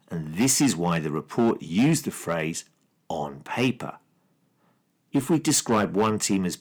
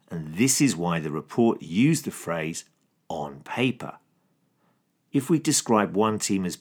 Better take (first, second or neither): second